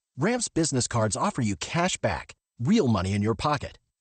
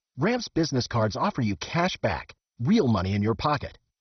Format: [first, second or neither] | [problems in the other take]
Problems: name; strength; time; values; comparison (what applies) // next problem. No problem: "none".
first | garbled, watery; badly; nothing above 6 kHz; slightly in the first